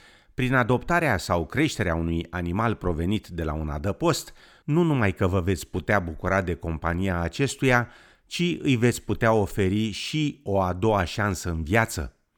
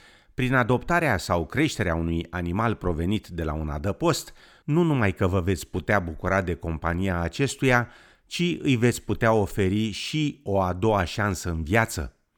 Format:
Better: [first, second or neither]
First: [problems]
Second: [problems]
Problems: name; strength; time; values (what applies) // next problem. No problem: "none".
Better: neither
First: none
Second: none